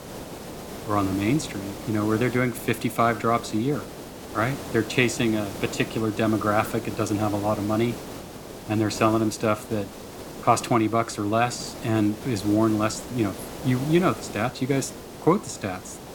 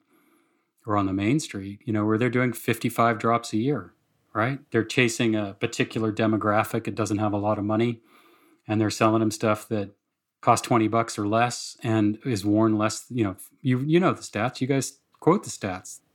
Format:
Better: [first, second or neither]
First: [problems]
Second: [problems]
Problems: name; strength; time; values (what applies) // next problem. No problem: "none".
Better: second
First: hiss; noticeable; throughout; 10 dB below the speech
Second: none